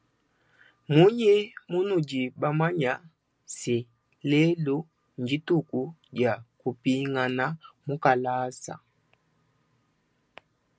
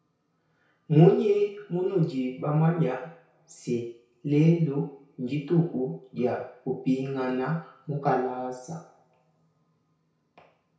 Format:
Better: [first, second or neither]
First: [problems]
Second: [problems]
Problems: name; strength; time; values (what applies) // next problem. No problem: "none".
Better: first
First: none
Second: room echo; dies away in 0.6 s